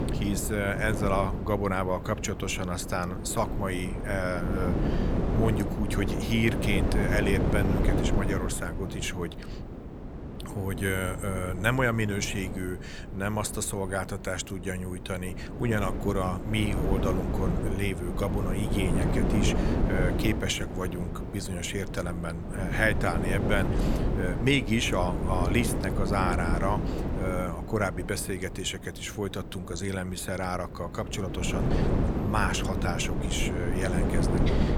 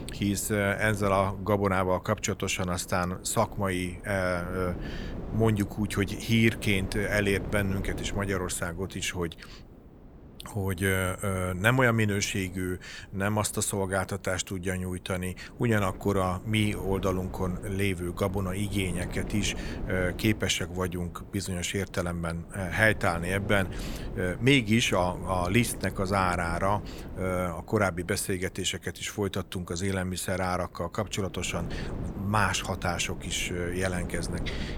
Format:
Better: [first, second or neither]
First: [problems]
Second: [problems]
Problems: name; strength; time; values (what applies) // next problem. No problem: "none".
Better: second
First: wind noise on the microphone; heavy; 5 dB below the speech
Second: wind noise on the microphone; occasional gusts; 15 dB below the speech